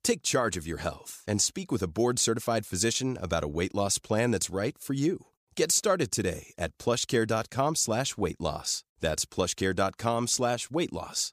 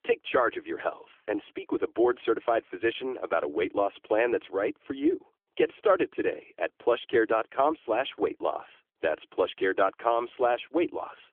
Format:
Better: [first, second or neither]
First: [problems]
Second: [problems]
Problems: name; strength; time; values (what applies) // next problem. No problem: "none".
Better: first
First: none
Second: phone-call audio; nothing above 3.5 kHz